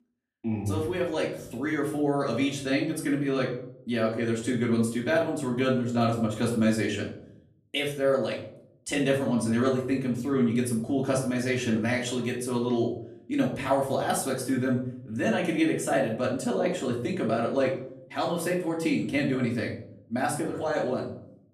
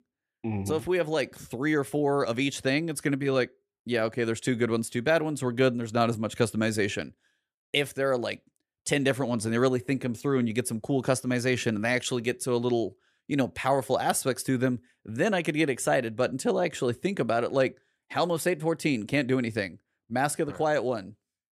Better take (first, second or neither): second